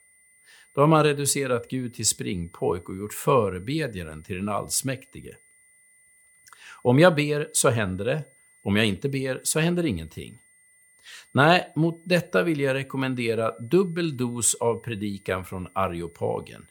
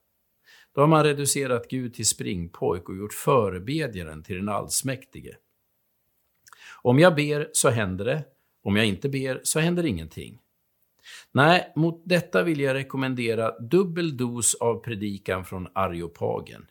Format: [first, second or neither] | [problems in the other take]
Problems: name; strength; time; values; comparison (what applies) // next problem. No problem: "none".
second | high-pitched whine; faint; throughout; 2 kHz, 30 dB below the speech